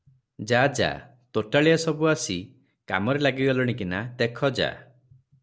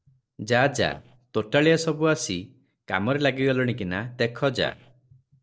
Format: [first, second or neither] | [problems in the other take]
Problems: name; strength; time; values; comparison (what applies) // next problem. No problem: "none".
first | noise reduction (neural separator model SepFormer DNS4)